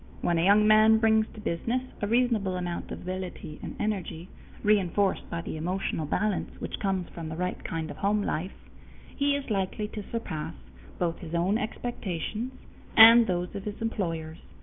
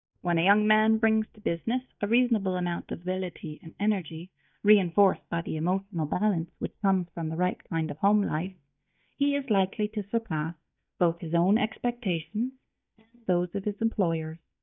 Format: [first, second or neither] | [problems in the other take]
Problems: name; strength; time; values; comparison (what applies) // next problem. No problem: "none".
first | noise reduction (neural mask model DeepFilterNet 3)